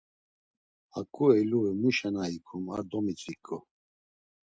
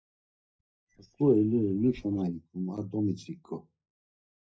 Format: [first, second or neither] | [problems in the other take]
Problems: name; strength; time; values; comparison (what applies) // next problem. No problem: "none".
first | noise reduction (neural mask model DeepFilterNet 3)